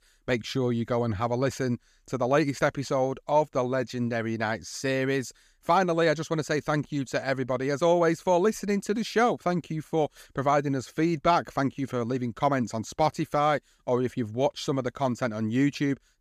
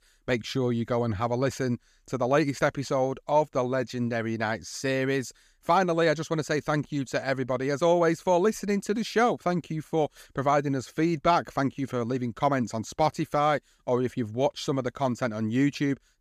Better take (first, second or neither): neither